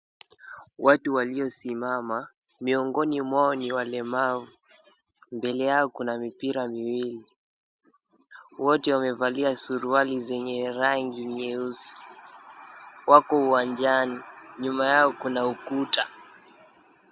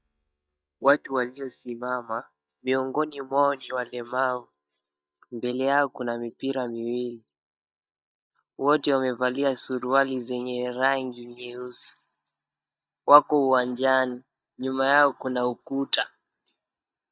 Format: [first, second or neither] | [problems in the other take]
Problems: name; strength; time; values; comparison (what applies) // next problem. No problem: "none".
first | noise reduction (neural mask model DeepFilterNet 3)